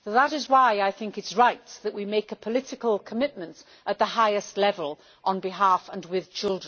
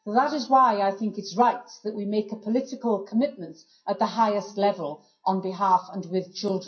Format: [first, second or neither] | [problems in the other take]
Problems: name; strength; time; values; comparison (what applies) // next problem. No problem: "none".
first | noise reduction (classical method WPE with log-MMSE)